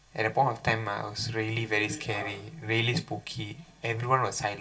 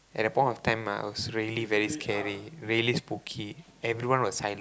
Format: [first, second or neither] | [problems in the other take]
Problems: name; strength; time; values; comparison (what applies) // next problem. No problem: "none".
second | room echo; dies away in 0.2 s